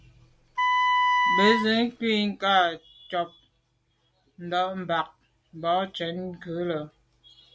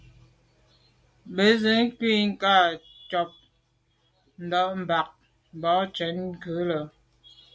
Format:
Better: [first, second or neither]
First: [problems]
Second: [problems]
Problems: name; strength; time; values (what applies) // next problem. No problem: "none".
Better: second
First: background sound (Wind instrument, woodwind instrument); 4 dB above the speech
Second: none